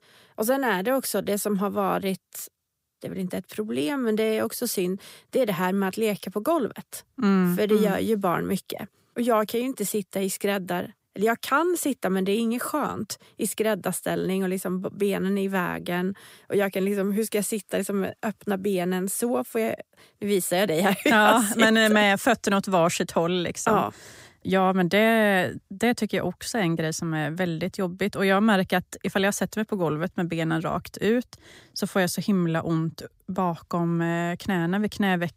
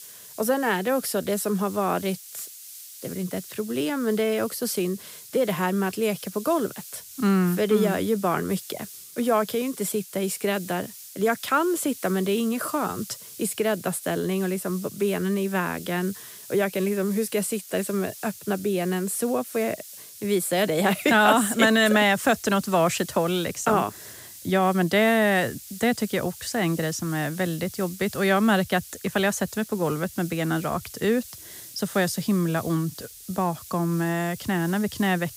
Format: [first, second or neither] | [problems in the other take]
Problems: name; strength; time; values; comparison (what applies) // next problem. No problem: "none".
first | hiss; noticeable; throughout; 15 dB below the speech